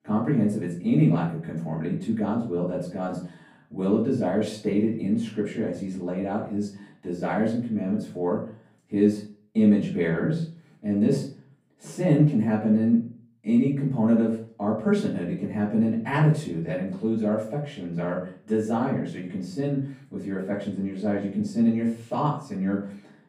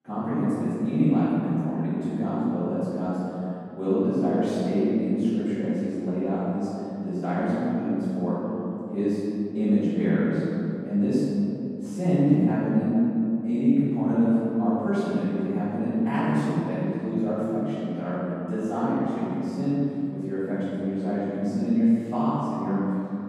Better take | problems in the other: first | room echo; strong; dies away in 2.6 s; slight in the first // off-mic speech; far; far in the first

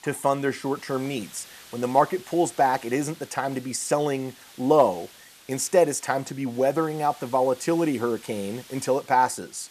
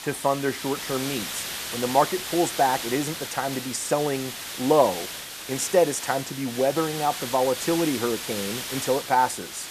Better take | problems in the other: first | hiss; loud; throughout; 7 dB below the speech; faint in the first

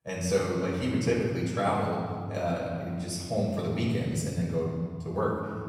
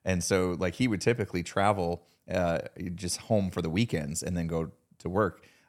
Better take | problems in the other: second | off-mic speech; far // room echo; noticeable; dies away in 2.2 s

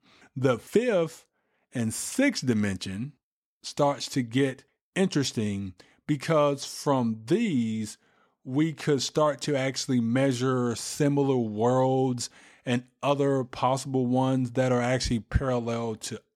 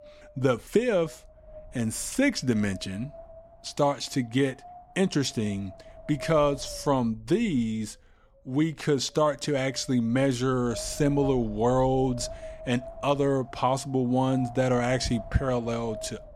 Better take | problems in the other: first | wind noise on the microphone; occasional gusts; 15 dB below the speech

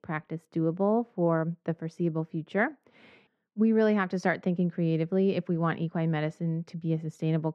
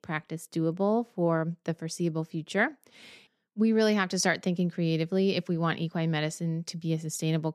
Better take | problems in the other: second | muffled; very; fading above 3.5 kHz

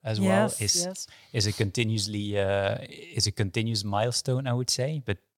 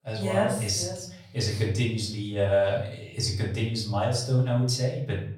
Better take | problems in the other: first | off-mic speech; far // room echo; slight; dies away in 0.6 s

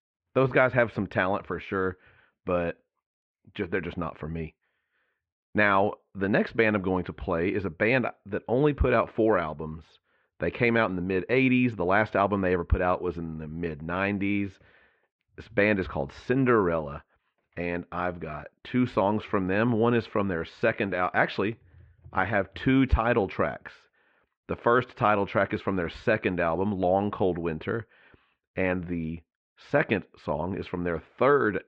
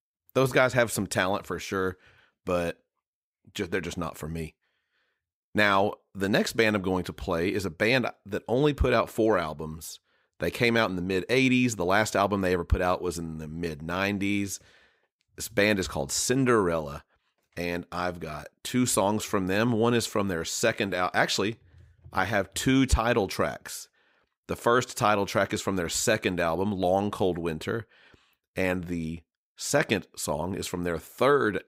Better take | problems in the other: second | muffled; very; fading above 2.5 kHz

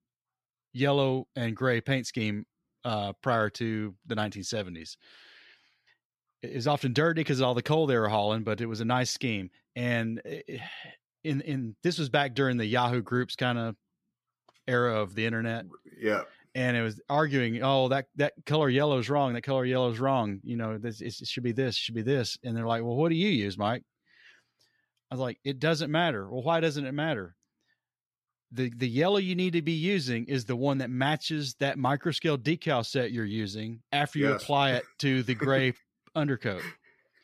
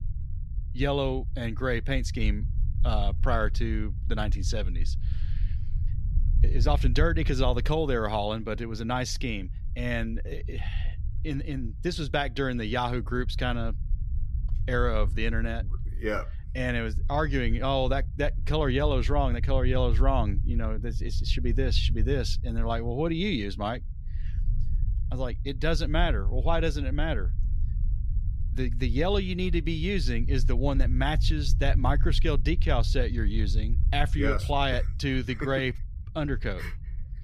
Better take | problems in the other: first | low rumble; noticeable; throughout; 20 dB below the speech

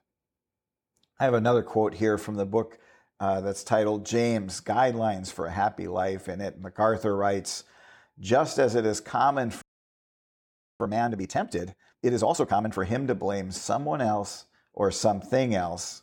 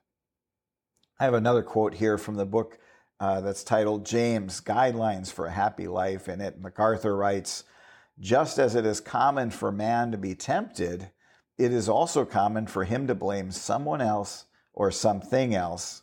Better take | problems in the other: second | audio freezing; at 9.5 s for 1 s

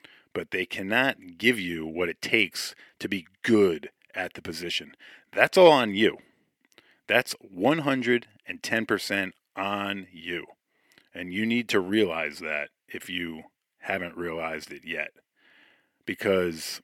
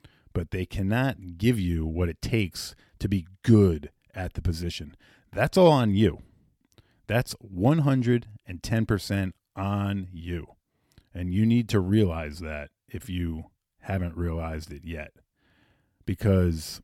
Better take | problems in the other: second | thin; somewhat; fading below 350 Hz

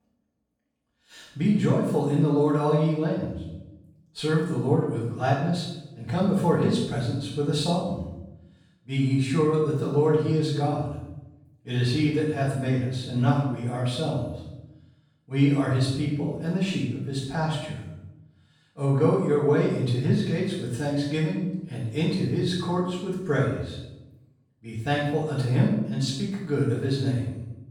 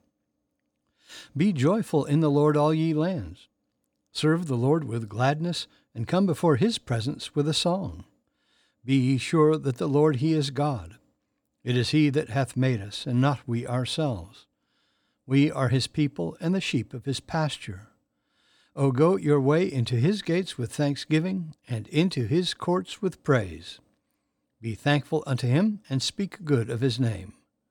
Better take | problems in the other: second | off-mic speech; far // room echo; noticeable; dies away in 0.8 s

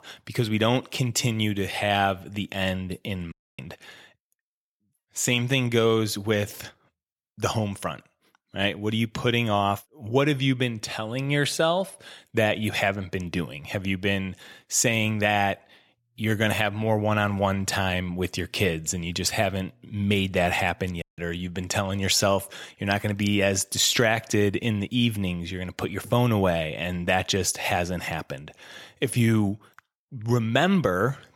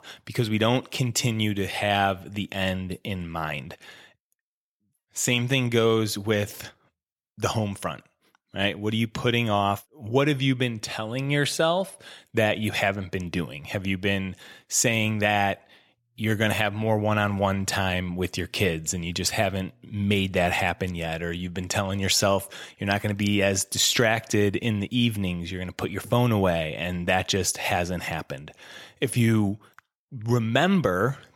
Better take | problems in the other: second | audio cutting out; at 3.5 s and at 21 s

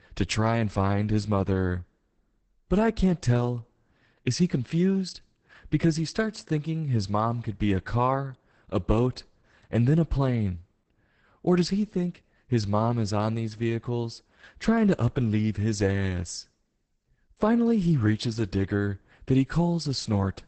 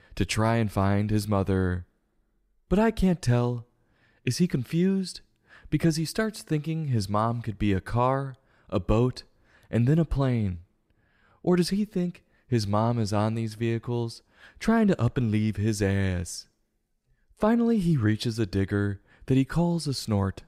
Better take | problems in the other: second | garbled, watery; badly; nothing above 8 kHz

